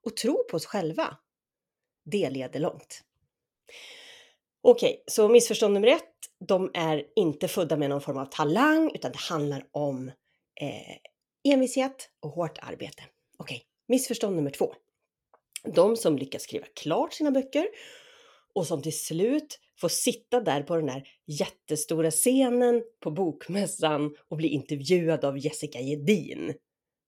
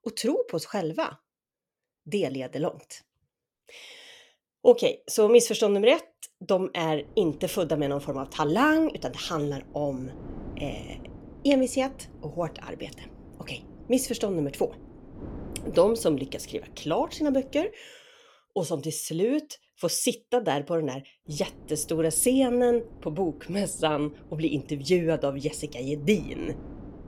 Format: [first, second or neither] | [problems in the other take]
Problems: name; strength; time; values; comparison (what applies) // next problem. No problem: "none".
first | wind noise on the microphone; occasional gusts; from 7 to 18 s and from 21 s on; 25 dB below the speech